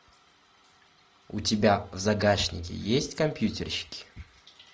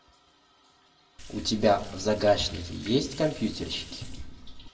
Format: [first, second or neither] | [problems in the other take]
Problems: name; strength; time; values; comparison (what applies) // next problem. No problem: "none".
first | background sound (Liquid); 13 dB below the speech // room echo; dies away in 1.2 s